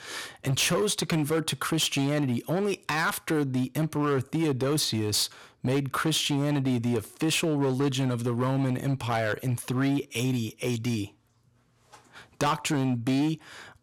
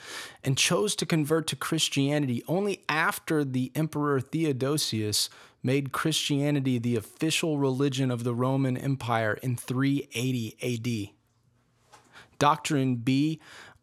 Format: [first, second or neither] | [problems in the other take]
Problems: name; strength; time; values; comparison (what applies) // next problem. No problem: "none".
second | distortion; slight; 11% of the sound clipped